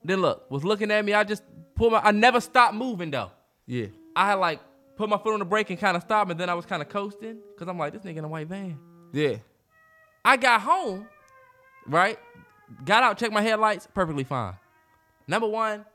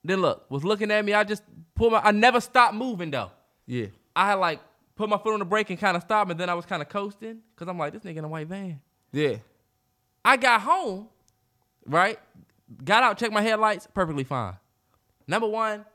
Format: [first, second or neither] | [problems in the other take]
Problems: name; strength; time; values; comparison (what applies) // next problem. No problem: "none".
second | background music; faint; throughout; 30 dB below the speech